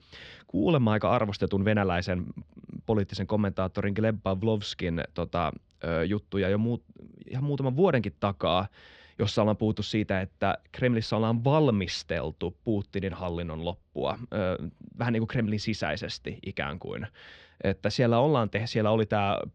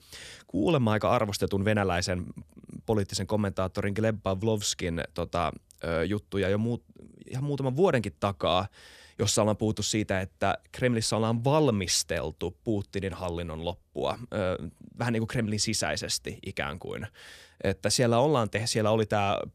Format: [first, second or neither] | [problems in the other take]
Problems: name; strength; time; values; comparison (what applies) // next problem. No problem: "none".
second | muffled; slightly; fading above 4 kHz